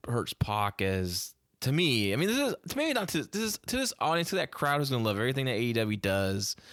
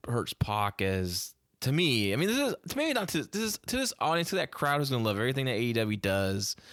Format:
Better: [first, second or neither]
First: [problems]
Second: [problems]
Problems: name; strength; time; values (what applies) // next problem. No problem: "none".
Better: neither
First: none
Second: none